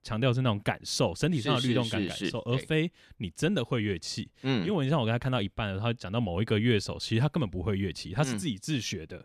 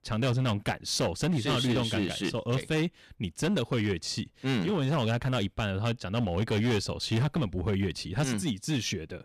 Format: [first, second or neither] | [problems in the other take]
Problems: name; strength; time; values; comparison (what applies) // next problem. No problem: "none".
first | distortion; slight; 12% of the sound clipped